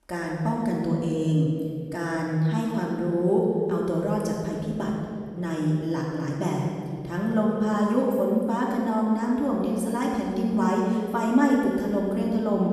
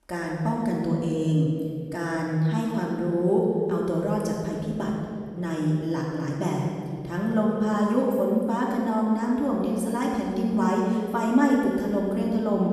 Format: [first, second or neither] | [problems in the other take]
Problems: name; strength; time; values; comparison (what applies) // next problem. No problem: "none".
neither | room echo; noticeable; dies away in 1.9 s; the same in both // off-mic speech; far; the same in both